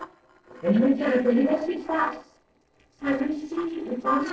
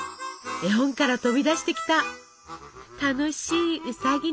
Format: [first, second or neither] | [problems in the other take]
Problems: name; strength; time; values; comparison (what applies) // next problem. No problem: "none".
second | noise reduction (neural separator model SepFormer DNS4)